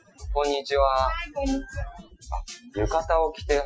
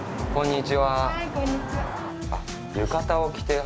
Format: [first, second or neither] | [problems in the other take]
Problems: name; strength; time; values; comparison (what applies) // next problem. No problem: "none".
second | noise reduction (classical method Wiener filter)